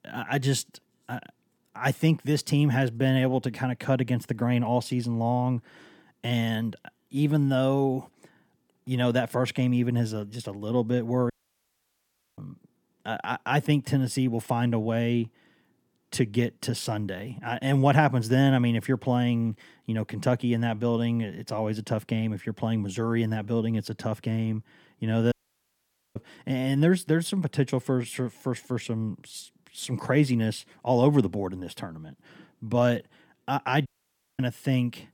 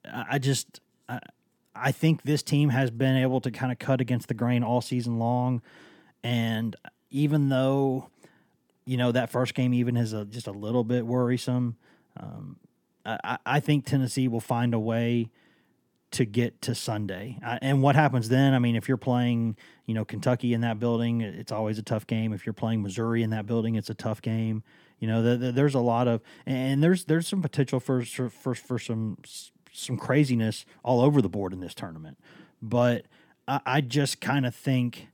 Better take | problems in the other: second | audio cutting out; at 11 s for 1 s, at 25 s for 1 s and at 34 s for 0.5 s

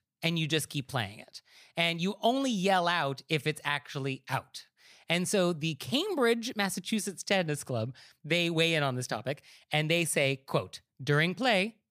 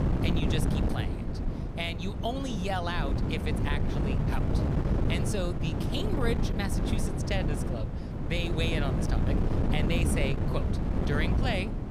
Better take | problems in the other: first | wind noise on the microphone; heavy; 2 dB below the speech

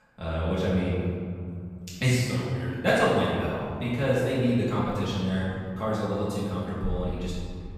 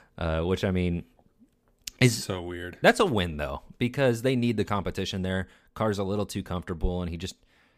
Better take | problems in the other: second | off-mic speech; far // room echo; strong; dies away in 2.3 s

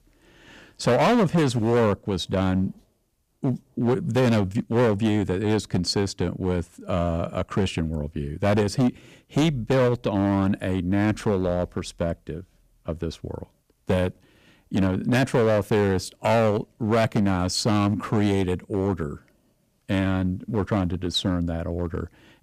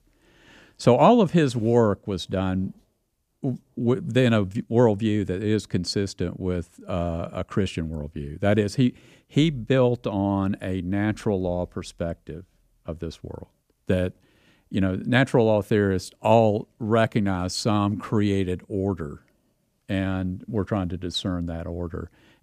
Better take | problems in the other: second | distortion; heavy; 8% of the sound clipped

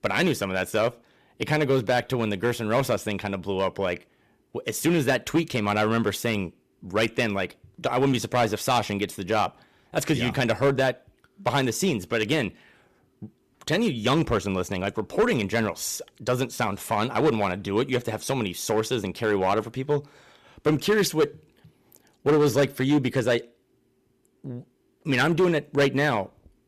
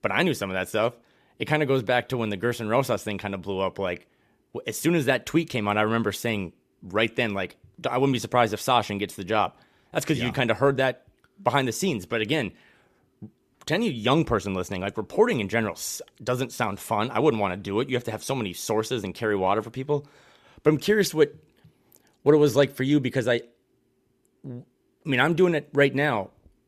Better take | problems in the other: second | distortion; slight; 4% of the sound clipped

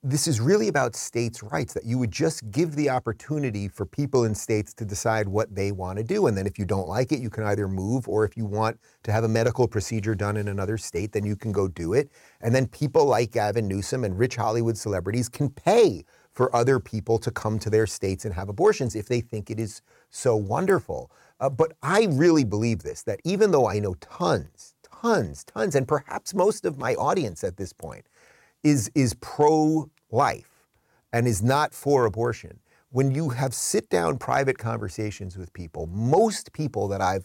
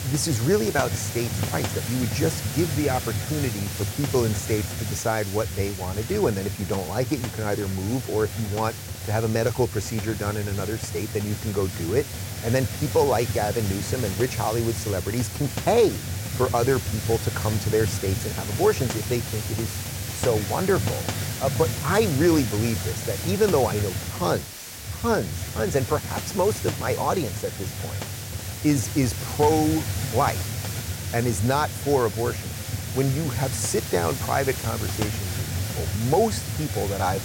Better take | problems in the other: first | hiss; loud; throughout; 4 dB below the speech

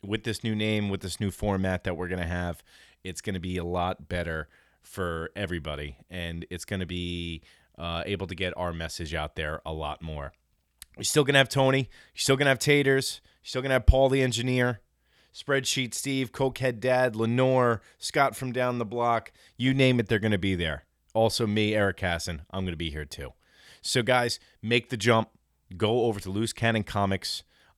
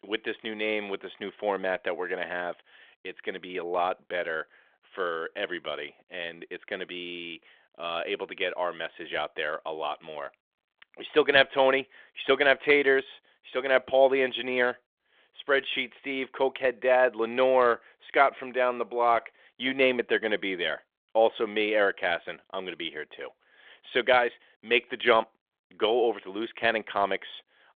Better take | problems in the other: first | phone-call audio

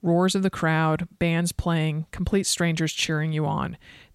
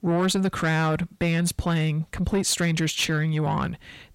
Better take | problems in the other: first | distortion; slight; 10 dB below the speech

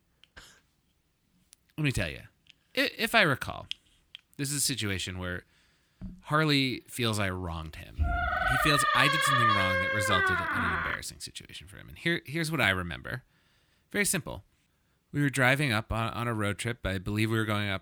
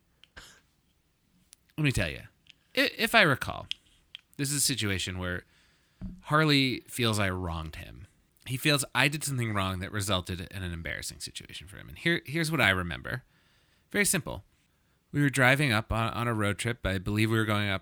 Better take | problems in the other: second | door banging; loud; from 8 to 11 s; peak 6 dB above the speech

